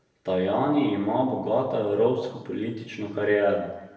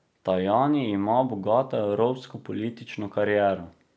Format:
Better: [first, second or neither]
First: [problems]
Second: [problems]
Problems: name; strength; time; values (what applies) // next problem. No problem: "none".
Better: second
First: room echo; dies away in 0.9 s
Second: none